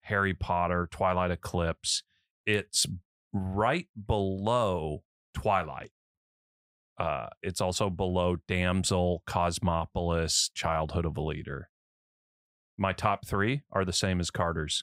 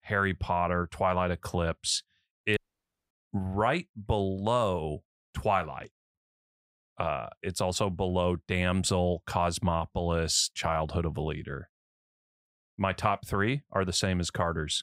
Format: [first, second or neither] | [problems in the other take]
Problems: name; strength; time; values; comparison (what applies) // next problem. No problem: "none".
first | audio cutting out; at 2.5 s for 0.5 s